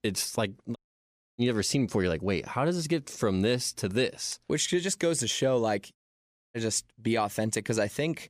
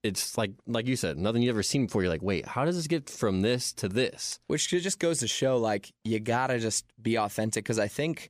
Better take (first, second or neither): second